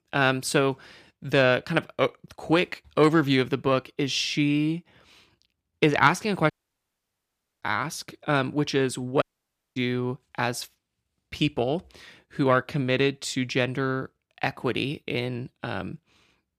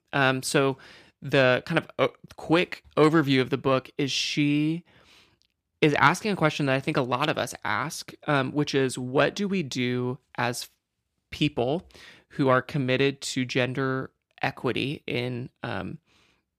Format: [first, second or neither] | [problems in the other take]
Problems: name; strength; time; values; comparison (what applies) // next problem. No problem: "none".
second | audio cutting out; at 6.5 s for 1 s and at 9 s for 0.5 s